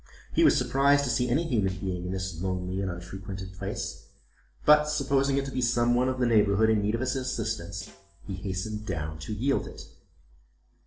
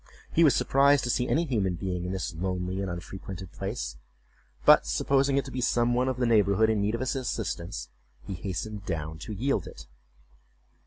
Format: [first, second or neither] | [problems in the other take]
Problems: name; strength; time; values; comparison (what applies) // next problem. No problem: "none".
second | noise reduction (neural separator model SepFormer DNS4)